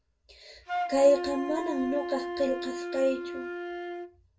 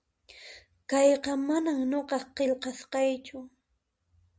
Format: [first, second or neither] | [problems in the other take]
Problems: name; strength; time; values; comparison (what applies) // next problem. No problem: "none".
second | background sound (Wind instrument, woodwind instrument); 6 dB below the speech // room echo; dies away in 0.2 s